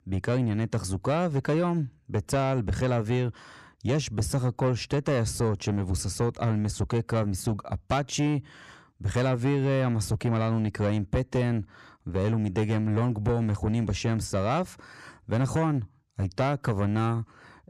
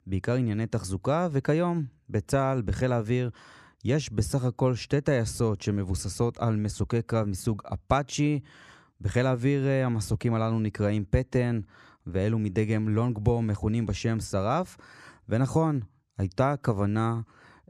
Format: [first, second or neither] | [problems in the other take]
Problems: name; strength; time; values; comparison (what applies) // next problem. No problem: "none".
second | distortion; slight; 10 dB below the speech